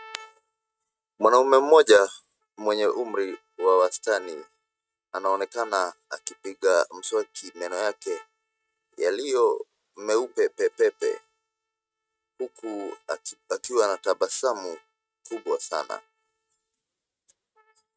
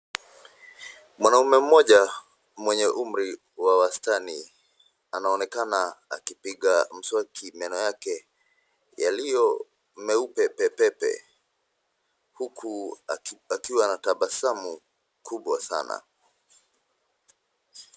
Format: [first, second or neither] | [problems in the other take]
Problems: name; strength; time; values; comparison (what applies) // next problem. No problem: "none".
second | noise reduction (neural mask model RNNoise)